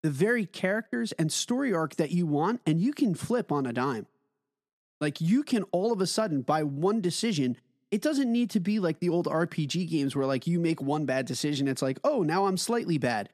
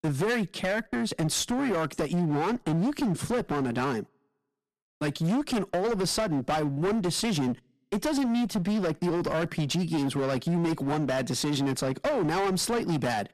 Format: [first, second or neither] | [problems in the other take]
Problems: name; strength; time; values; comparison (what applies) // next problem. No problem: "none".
first | distortion; heavy; 27% of the sound clipped